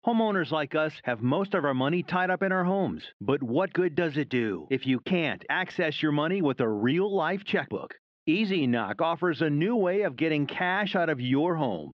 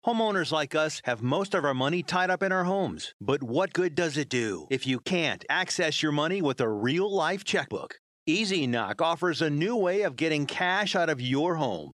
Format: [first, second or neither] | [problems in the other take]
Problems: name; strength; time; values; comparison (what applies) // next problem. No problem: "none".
second | muffled; very; fading above 3 kHz